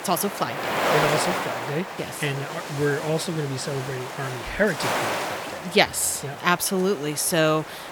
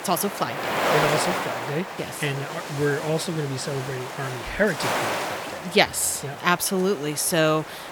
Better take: neither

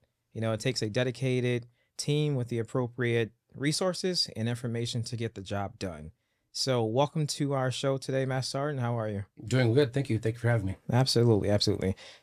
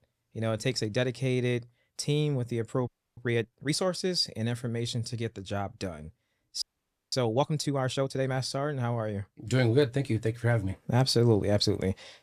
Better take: first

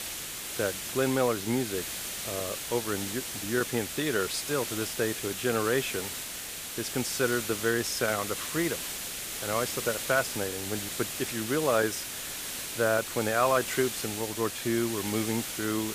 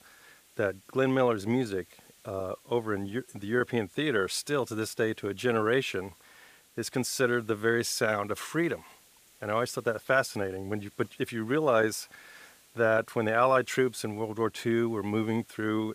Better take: second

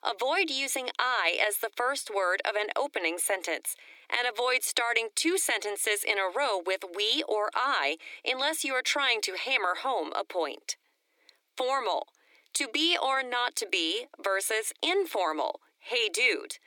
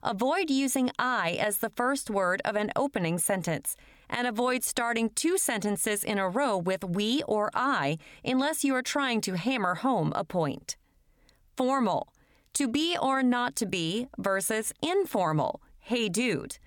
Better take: second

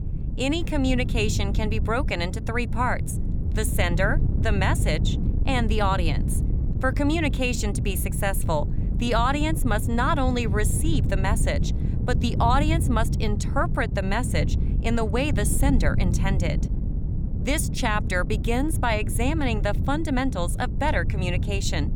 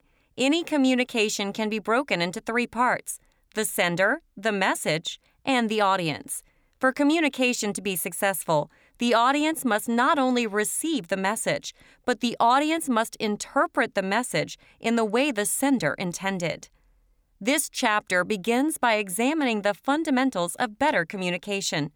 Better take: second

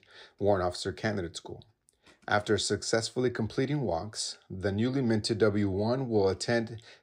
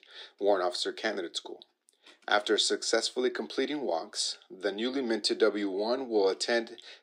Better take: first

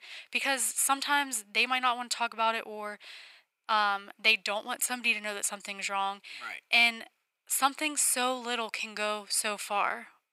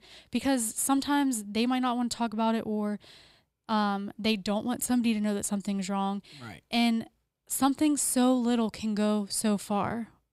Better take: second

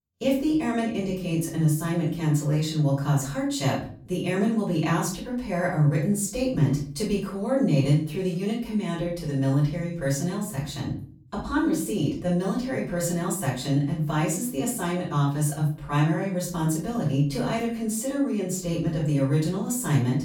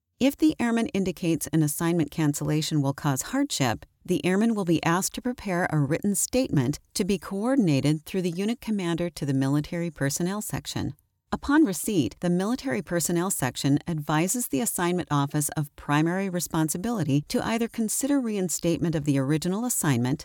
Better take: second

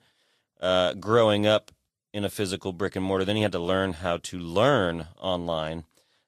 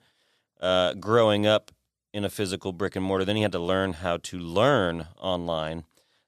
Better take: second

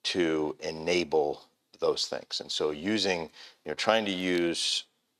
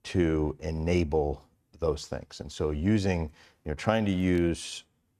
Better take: second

